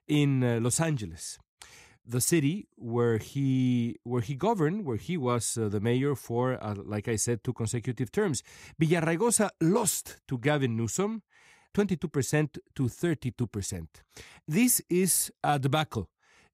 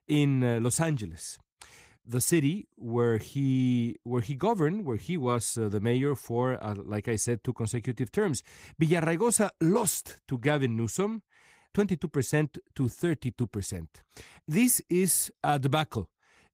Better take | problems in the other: first | garbled, watery; slightly; nothing above 15.5 kHz

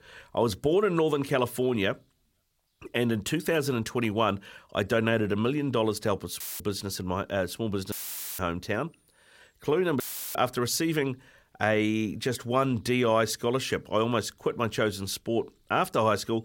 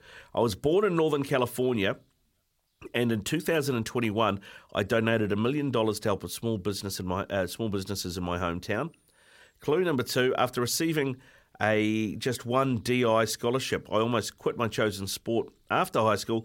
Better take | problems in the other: second | audio cutting out; filled with static; at 6.5 s, at 8 s and at 10 s

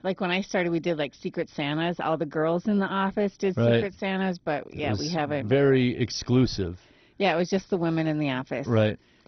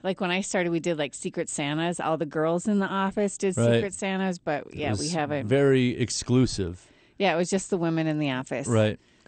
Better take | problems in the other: second | garbled, watery; badly; nothing above 6 kHz; slightly in the second

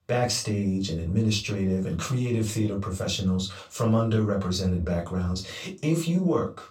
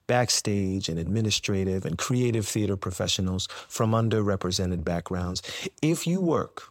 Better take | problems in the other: second | off-mic speech; far // room echo; very slight; dies away in 0.2 s

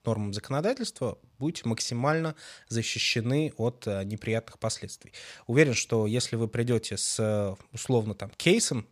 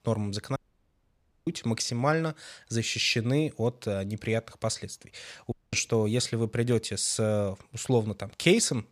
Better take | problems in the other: first | audio cutting out; at 0.5 s for 1 s and at 5.5 s

